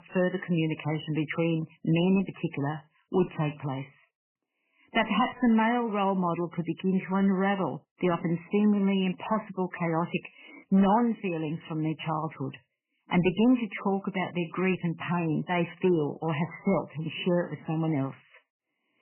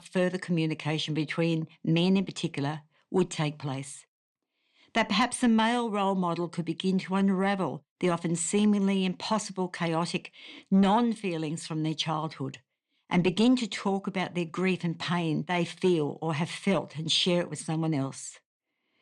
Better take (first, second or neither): second